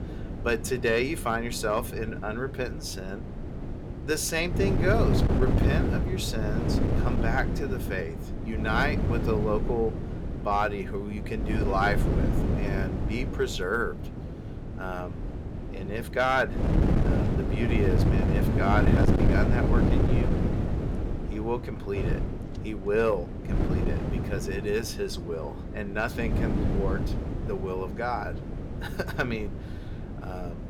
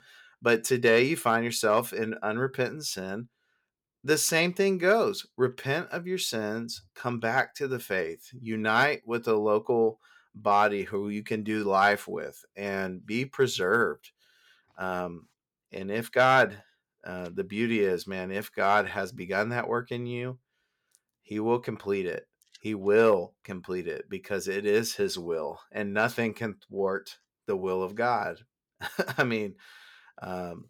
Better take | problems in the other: second | wind noise on the microphone; heavy; 6 dB below the speech

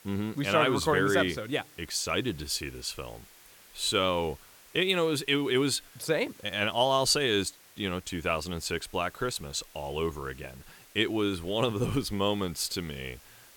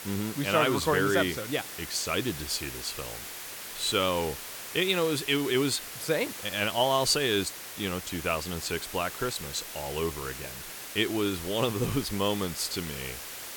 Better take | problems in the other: first | hiss; loud; throughout; 9 dB below the speech; faint in the first

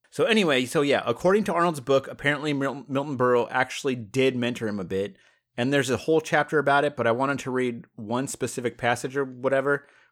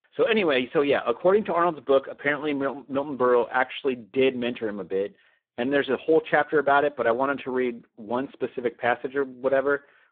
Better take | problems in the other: first | phone-call audio; poor line

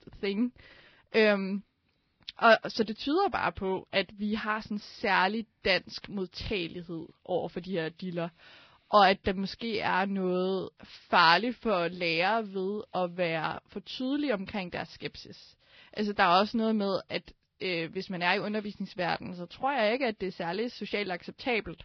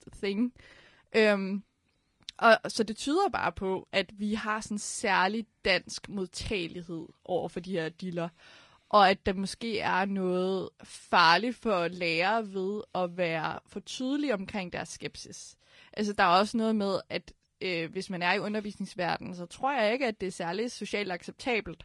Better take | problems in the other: second | garbled, watery; badly; nothing above 5 kHz; slightly in the second

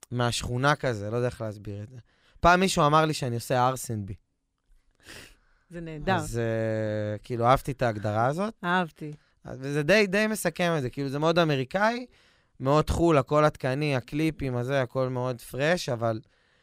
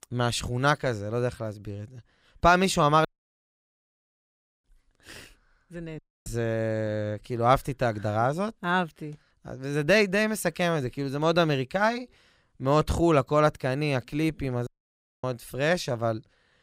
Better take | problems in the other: first | audio cutting out; at 3 s for 1.5 s, at 6 s and at 15 s for 0.5 s

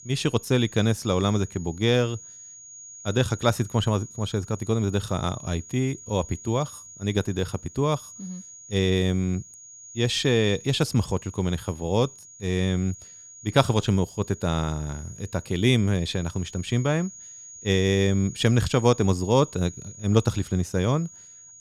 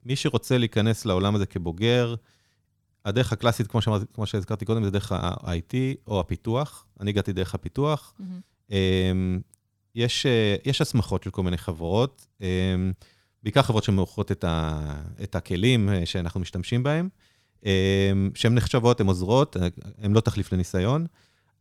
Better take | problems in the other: second | high-pitched whine; noticeable; throughout; 6.5 kHz, 15 dB below the speech

